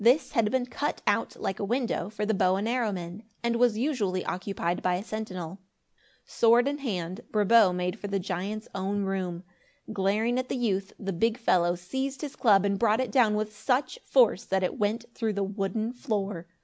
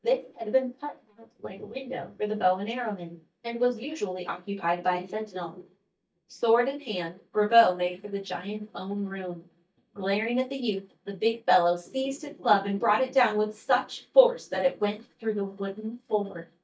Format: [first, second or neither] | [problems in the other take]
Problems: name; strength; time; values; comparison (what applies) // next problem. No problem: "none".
first | noise reduction (neural mask model DeepFilterNet 3)